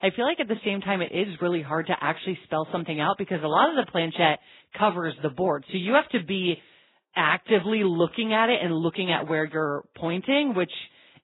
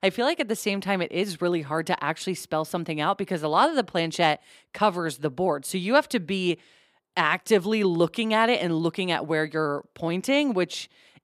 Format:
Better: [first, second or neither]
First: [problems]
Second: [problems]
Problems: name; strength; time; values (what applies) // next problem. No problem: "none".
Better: second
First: garbled, watery; badly; nothing above 4 kHz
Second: none